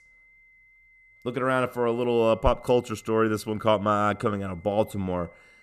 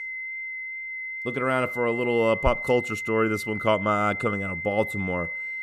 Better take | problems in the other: first | high-pitched whine; loud; throughout; 2 kHz, 5 dB below the speech; faint in the first

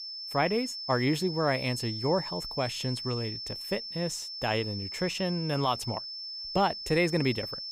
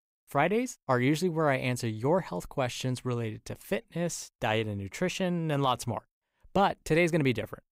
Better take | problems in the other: second | high-pitched whine; loud; throughout; 5.5 kHz, 6 dB below the speech

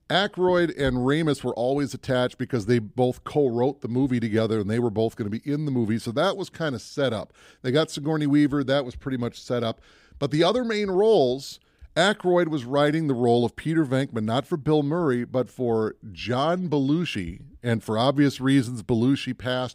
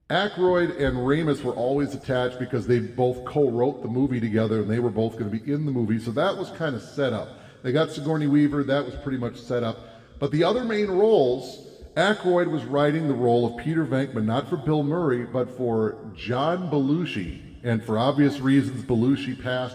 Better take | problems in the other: first | room echo; slight; dies away in 2.4 s

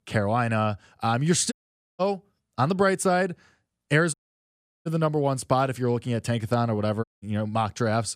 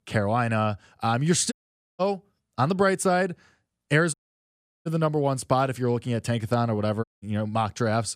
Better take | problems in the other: neither | audio cutting out; at 1.5 s, at 4 s for 0.5 s and at 7 s; the same in both

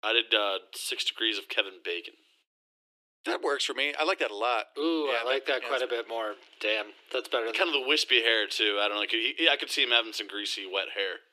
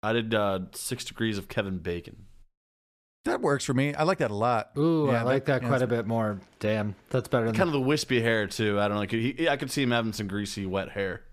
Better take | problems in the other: second | thin; very; fading below 300 Hz

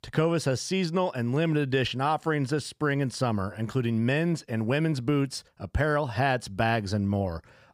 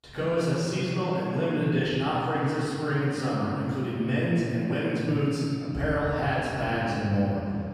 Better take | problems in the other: first | room echo; strong; dies away in 2.9 s // off-mic speech; far

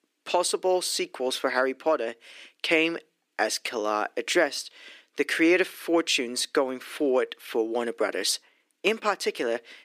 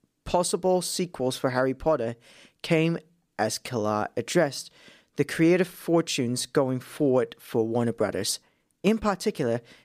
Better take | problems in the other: second | thin; somewhat; fading below 300 Hz

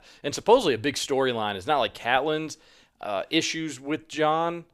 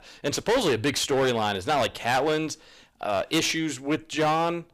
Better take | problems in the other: first | distortion; heavy; 14% of the sound clipped

